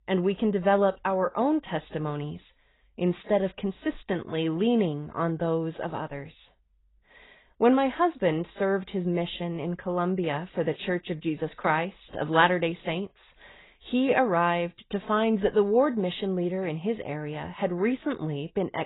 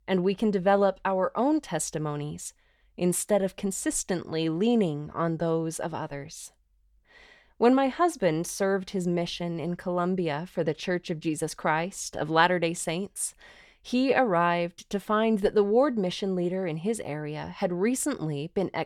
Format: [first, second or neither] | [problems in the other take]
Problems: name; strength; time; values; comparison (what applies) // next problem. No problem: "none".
second | garbled, watery; badly; nothing above 4 kHz